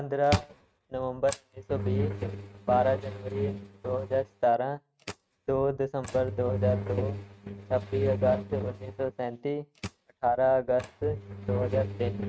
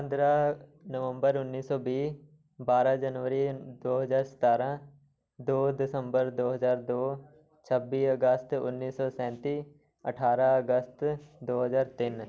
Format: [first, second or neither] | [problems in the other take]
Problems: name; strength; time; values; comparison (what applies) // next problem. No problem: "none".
second | noise reduction (neural mask model RNNoise)